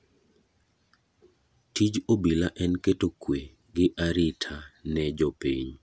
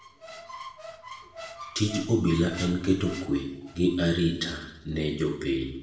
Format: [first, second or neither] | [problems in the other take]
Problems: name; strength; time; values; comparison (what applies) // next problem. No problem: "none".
first | background sound (Squeak); 16 dB below the speech // room echo; dies away in 0.8 s